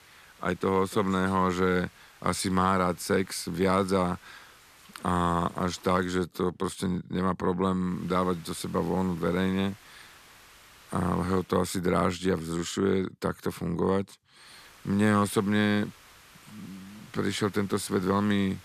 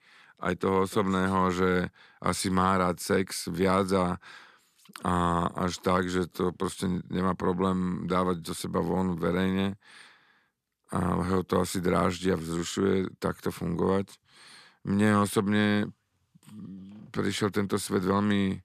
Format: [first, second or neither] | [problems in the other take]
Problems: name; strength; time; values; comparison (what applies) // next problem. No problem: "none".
second | hiss; faint; until 6 s, from 8 to 11 s and from 14 s on; 25 dB below the speech